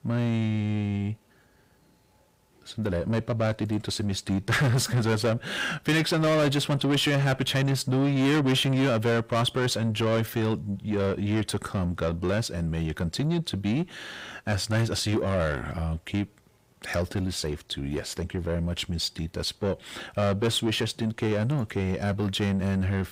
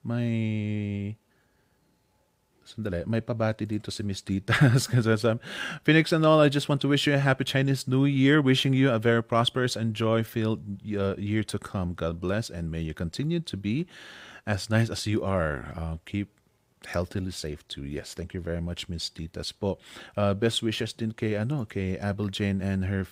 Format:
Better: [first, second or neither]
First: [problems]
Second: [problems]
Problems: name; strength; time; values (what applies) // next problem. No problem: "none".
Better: second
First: distortion; heavy; 8 dB below the speech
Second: none